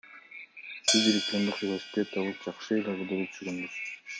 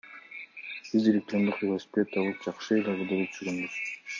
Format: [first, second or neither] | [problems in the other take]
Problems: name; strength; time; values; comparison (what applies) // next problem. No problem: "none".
second | background sound (Hi-hat); 3 dB below the speech